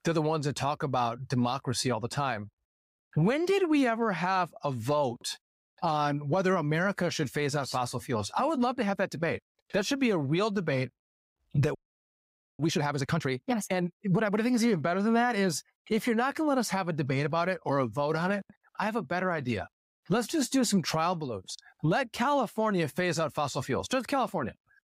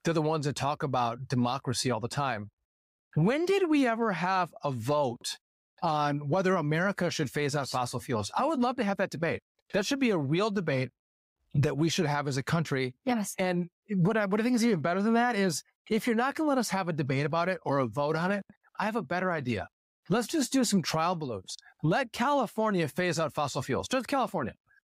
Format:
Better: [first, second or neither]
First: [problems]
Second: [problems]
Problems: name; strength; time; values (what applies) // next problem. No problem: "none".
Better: second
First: audio freezing; at 12 s for 1 s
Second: none